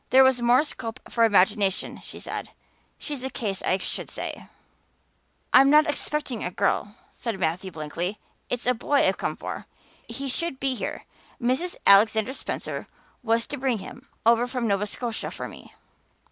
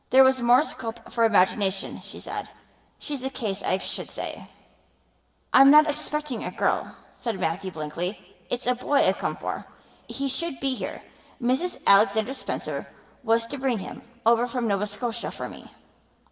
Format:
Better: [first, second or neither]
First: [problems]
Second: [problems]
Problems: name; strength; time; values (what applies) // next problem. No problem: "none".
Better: first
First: none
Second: room echo; dies away in 2.7 s